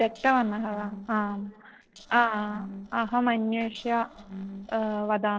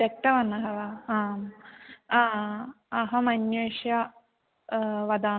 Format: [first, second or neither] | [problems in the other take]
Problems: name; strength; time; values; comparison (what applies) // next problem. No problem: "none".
second | noise reduction (neural separator model SepFormer DNS4)